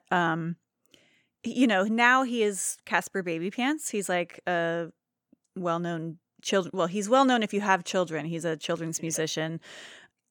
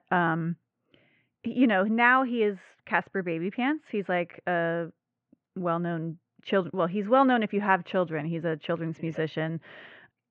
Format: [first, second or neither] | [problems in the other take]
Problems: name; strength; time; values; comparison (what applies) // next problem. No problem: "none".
first | muffled; very; fading above 2.5 kHz